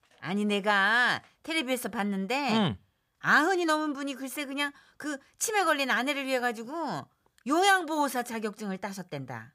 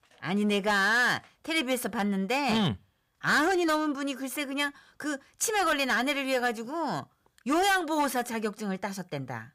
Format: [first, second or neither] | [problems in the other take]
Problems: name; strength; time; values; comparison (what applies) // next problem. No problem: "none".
first | distortion; slight; 6% of the sound clipped